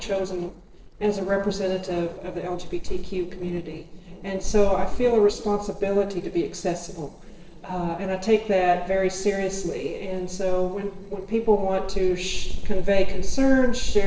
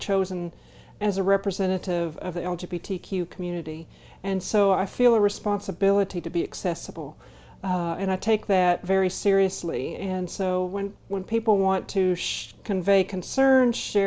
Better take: second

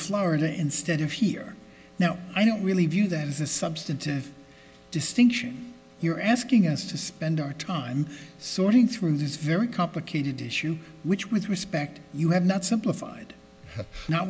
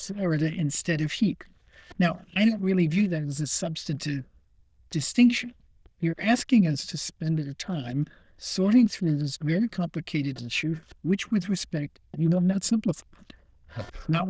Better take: first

